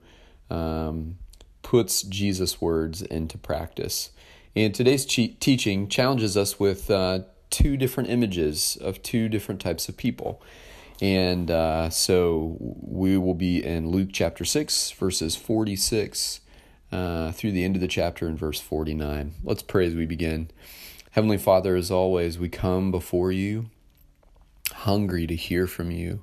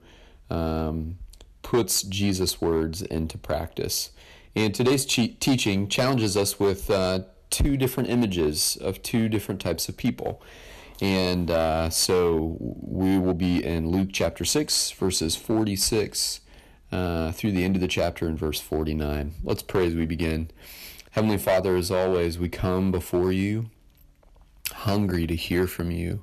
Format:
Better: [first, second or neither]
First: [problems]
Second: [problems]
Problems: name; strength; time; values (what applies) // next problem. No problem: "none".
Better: first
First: none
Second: distortion; slight; 4% of the sound clipped